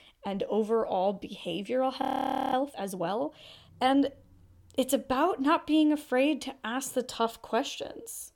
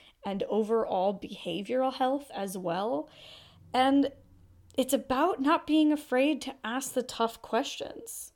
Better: second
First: audio freezing; at 2 s for 0.5 s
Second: none

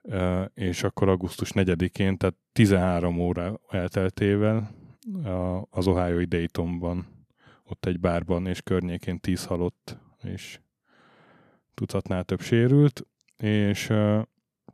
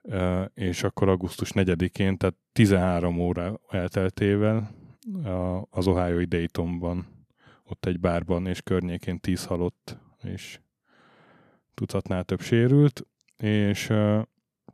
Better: neither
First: none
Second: none

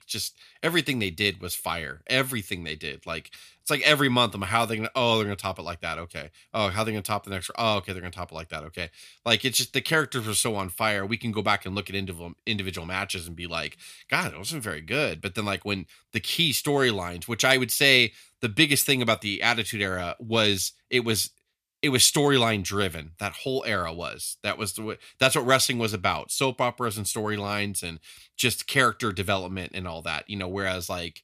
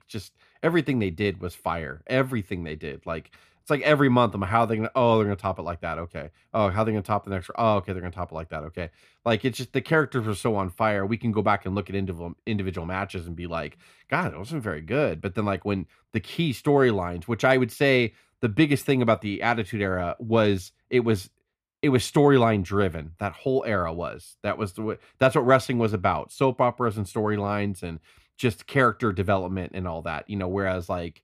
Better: first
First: none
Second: muffled; very; fading above 2 kHz

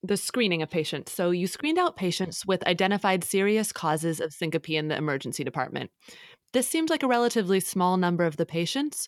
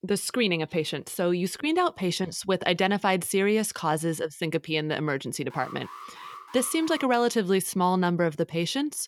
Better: first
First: none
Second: alarm; faint; from 5.5 to 7 s; peak 15 dB below the speech

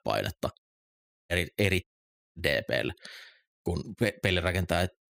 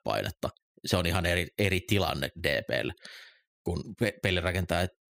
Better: second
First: audio cutting out; at 0.5 s for 0.5 s and at 2 s for 0.5 s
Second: none

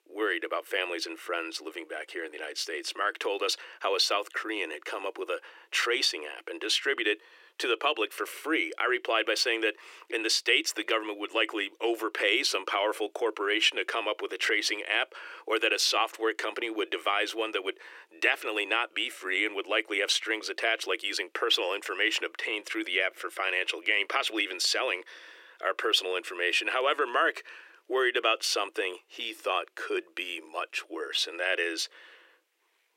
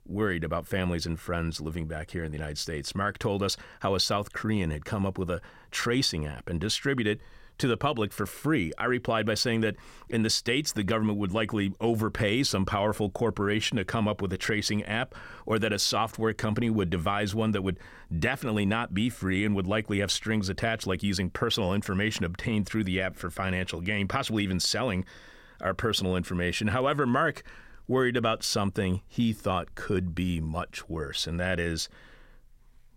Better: second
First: thin; very; fading below 350 Hz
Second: none

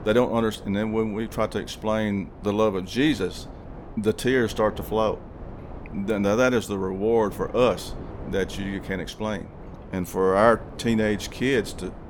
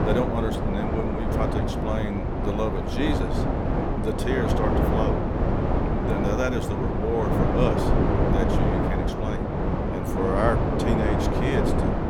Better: first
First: wind noise on the microphone; occasional gusts; 20 dB below the speech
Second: wind noise on the microphone; heavy; 2 dB above the speech

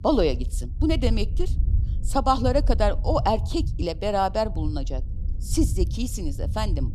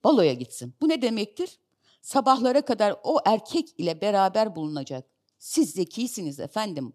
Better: second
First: low rumble; faint; throughout; 20 dB below the speech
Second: none

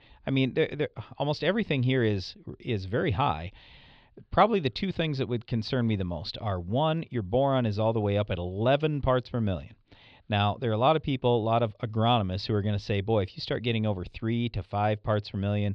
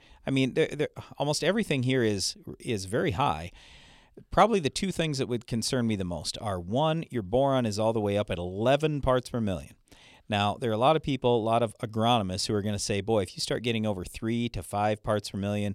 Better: second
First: muffled; very slightly; fading above 4 kHz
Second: none

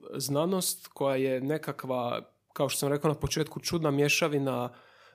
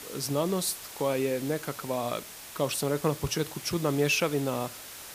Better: first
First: none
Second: hiss; noticeable; throughout; 10 dB below the speech

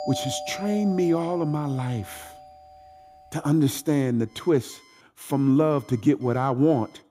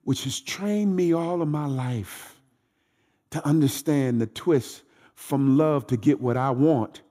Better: second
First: alarms or sirens; noticeable; throughout; 15 dB below the speech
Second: none

